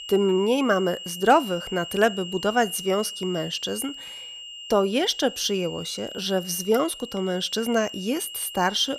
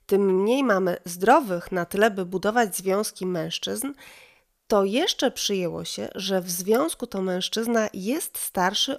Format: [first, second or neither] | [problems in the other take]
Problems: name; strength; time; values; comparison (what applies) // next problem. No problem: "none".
second | high-pitched whine; noticeable; throughout; 3 kHz, 10 dB below the speech